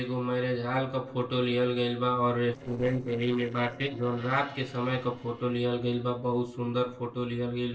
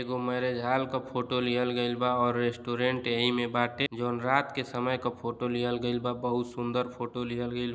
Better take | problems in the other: second | noise reduction (neural separator model SepFormer DNS4)

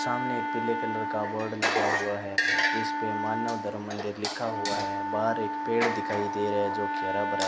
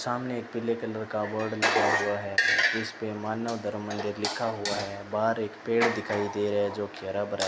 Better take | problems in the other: second | background sound (Wind instrument, woodwind instrument); 3 dB below the speech

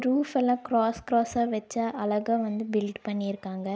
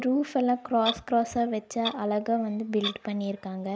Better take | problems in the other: first | background sound (Clock); 13 dB below the speech

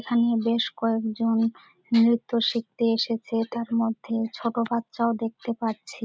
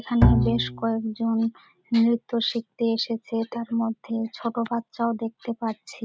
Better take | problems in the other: first | background sound (Bowed string instrument); 3 dB above the speech

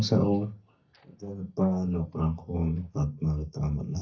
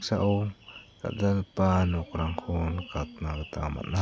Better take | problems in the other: second | noise reduction (neural mask model DeepFilterNet 3)

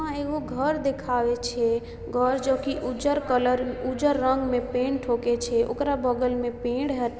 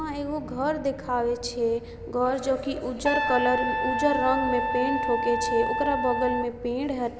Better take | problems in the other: first | background sound (Trumpet); 1 dB below the speech

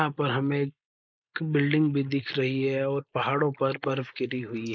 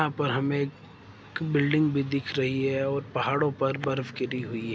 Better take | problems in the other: second | noise reduction (neural mask model Resemble Enhance denoiser)

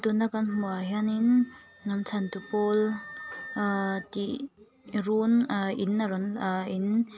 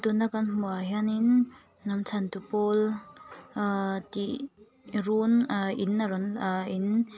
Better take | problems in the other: second | background sound (Wind instrument, woodwind instrument); 19 dB below the speech

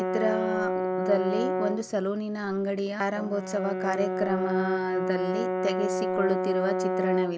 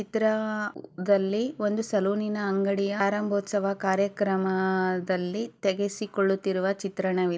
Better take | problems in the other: second | background sound (Brass instrument); as loud as the speech

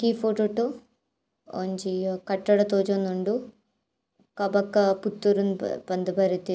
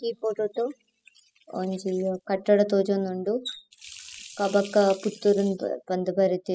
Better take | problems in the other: first | noise reduction (classical method spectral subtraction)

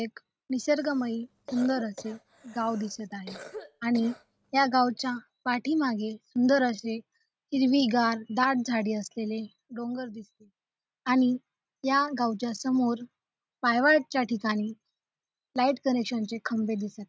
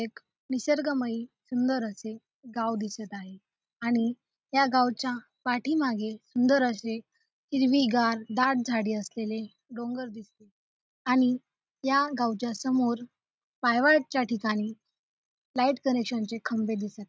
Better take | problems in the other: second | background sound (Cough); 18 dB below the speech

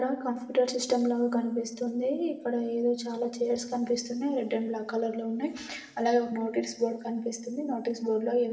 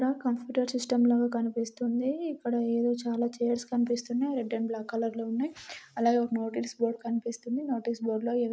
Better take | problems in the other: second | room echo; dies away in 0.9 s

